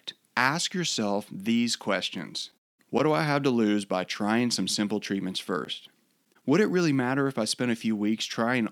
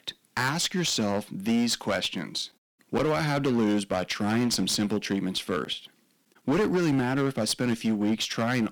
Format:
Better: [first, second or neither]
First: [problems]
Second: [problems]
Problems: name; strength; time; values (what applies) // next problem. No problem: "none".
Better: first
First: none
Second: distortion; heavy; 10% of the sound clipped